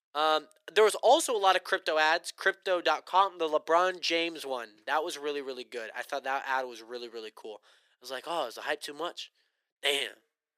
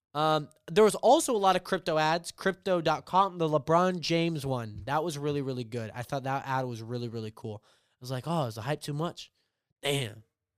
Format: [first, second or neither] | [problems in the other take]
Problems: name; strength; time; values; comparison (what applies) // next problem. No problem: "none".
second | thin; very; fading below 350 Hz